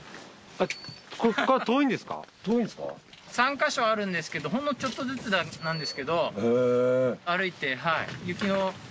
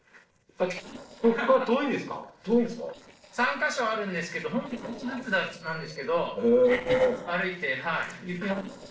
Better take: first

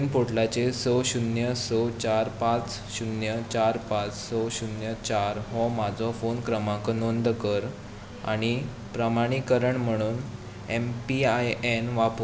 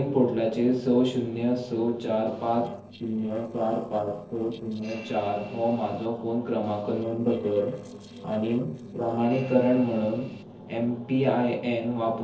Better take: first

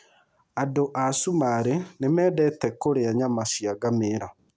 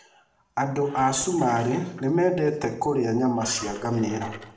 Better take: first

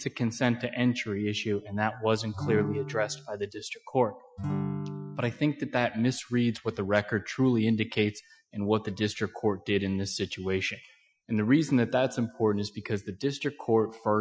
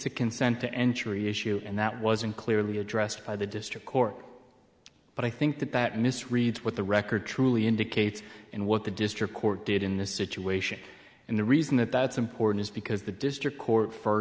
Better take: second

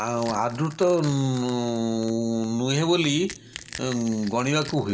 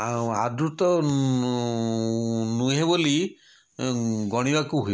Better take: second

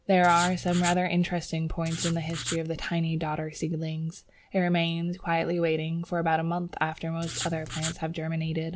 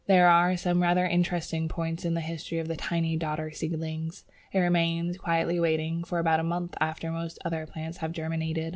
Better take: second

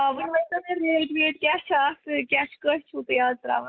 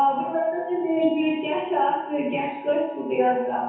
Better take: first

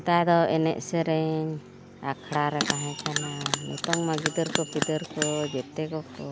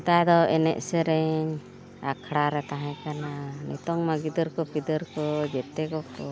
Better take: second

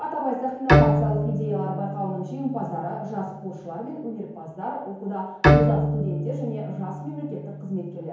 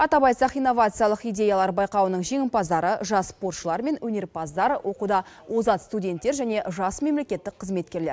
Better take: second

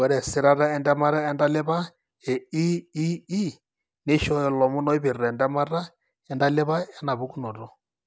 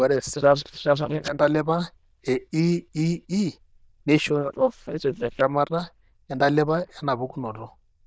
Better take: first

